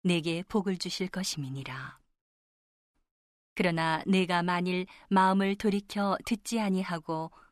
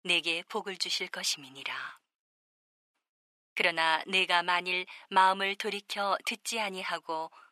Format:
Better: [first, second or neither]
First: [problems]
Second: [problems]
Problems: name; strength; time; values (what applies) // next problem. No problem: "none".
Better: first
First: none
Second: thin; very; fading below 600 Hz